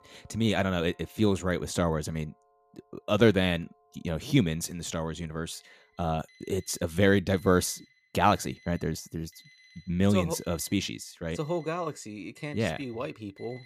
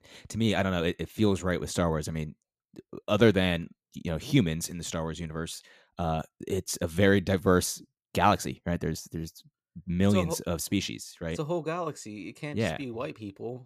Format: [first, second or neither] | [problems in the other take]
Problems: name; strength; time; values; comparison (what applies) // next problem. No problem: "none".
second | alarms or sirens; faint; throughout; 30 dB below the speech